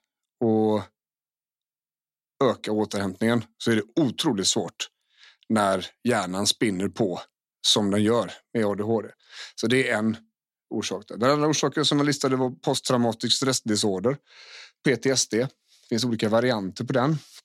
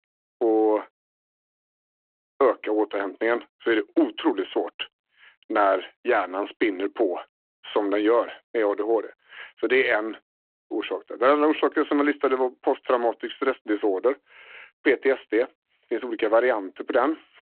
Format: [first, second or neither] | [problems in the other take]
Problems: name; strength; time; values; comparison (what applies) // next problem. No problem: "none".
first | phone-call audio